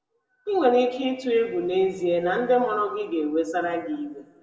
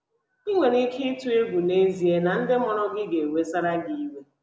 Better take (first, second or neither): second